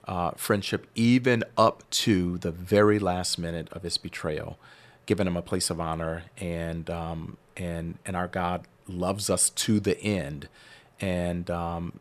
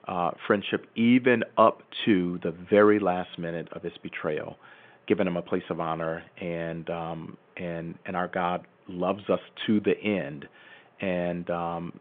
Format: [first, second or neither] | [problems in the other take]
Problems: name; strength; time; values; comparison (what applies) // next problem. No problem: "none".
first | phone-call audio; nothing above 3.5 kHz